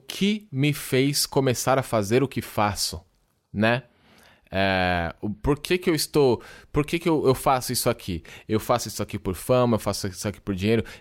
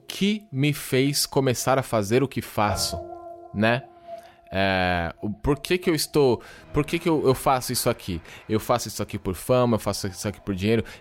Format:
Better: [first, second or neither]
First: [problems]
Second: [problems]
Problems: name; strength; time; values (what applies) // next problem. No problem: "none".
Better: first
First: none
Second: background music; noticeable; throughout; 20 dB below the speech